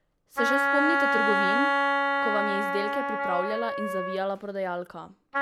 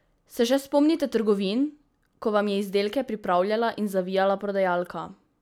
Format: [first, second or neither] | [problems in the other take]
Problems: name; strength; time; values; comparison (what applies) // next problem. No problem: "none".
second | background sound (Wind instrument, woodwind instrument); 5 dB above the speech